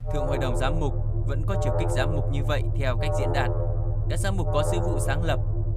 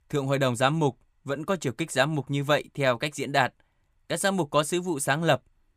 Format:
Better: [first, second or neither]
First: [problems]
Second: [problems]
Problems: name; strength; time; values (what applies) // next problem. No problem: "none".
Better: second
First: alarm; loud; peak 6 dB above the speech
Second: none